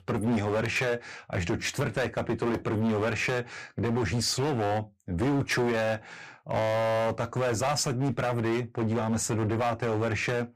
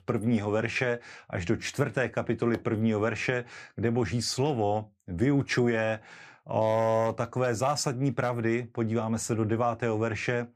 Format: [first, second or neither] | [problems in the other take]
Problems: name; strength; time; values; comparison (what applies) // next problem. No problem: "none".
second | distortion; heavy; 17% of the sound clipped